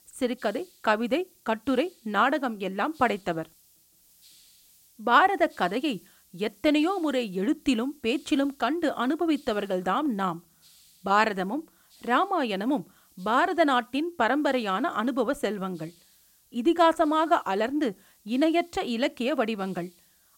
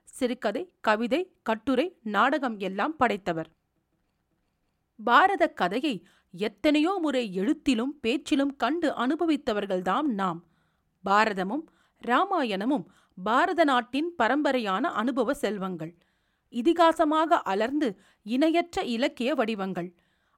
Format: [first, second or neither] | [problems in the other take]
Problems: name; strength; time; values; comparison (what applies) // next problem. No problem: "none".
second | hiss; faint; throughout; 30 dB below the speech